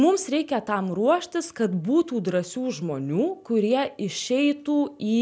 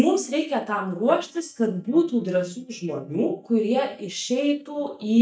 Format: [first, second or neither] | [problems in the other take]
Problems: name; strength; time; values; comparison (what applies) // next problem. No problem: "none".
first | noise reduction (neural mask model DeepFilterNet 3)